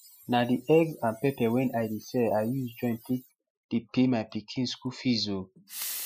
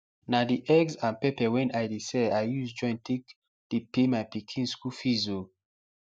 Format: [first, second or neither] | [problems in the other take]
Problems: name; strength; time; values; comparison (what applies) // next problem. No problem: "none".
second | noise reduction (classical method Wiener filter)